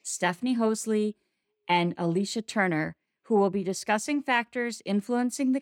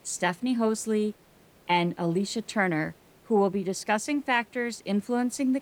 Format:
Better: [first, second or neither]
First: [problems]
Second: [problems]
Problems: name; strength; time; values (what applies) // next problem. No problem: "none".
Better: first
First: none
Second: hiss; faint; throughout; 30 dB below the speech